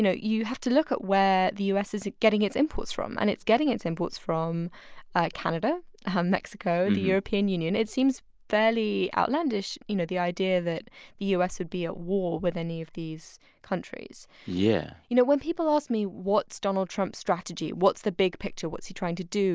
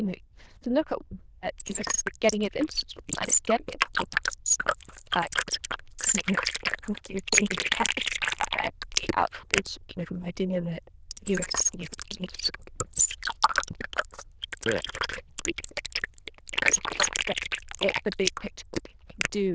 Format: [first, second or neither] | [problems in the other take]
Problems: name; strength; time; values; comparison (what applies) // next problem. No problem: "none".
first | noise reduction (neural diffusion model UNIVERSE++)